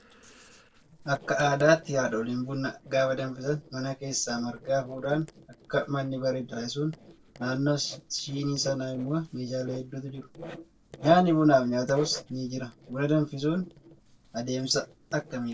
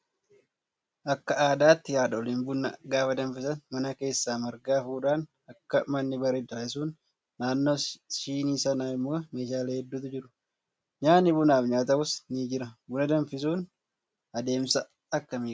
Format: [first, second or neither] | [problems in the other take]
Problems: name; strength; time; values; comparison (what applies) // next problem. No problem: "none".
second | noise reduction (neural separator model SepFormer DNS4)